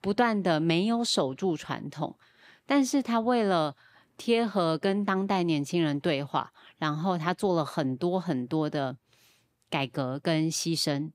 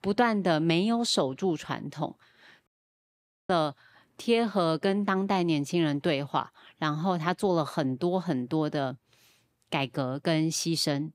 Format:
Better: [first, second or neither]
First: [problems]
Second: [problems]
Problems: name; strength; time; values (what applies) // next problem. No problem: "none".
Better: first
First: none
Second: audio cutting out; at 2.5 s for 1 s